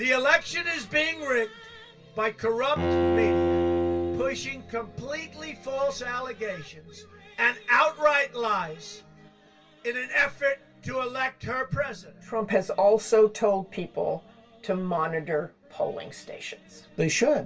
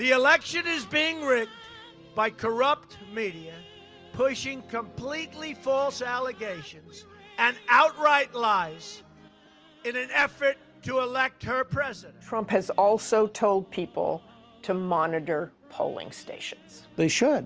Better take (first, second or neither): second